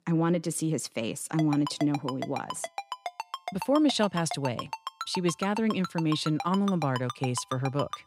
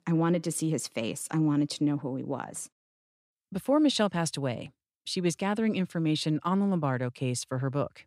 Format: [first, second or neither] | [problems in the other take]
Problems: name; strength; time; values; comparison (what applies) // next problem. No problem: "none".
second | phone ringing; noticeable; from 1.5 s on; peak 8 dB below the speech